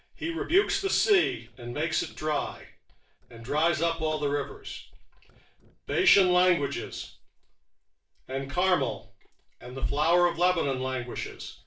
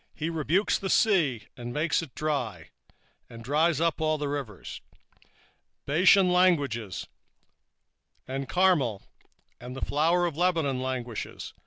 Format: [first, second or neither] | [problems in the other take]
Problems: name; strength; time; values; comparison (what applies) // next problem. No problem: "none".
second | noise reduction (neural separator model SepFormer DNS4)